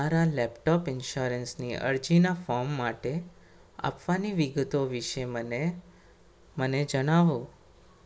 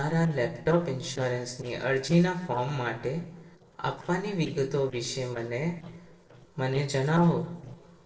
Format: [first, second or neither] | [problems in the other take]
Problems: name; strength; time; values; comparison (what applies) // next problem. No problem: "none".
first | noise reduction (neural separator model SepFormer DNS4)